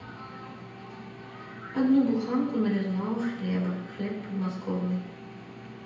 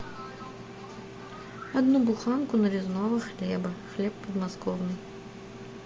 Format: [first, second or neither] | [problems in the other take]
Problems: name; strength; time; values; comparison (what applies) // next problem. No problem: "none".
second | room echo; dies away in 0.9 s